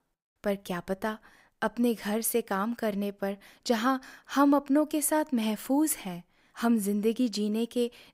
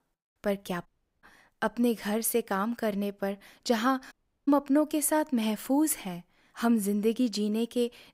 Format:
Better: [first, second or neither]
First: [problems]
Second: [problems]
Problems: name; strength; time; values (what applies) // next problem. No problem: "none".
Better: first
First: none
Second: audio cutting out; at 1 s and at 4 s